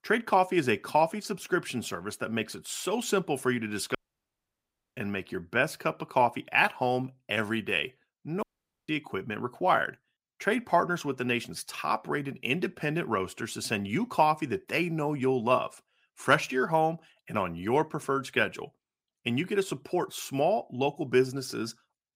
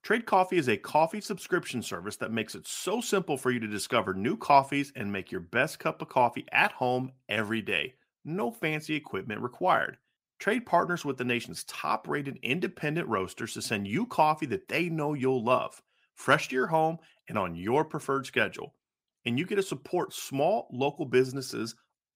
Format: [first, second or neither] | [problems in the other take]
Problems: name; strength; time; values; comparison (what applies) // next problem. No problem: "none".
second | audio cutting out; at 4 s for 1 s and at 8.5 s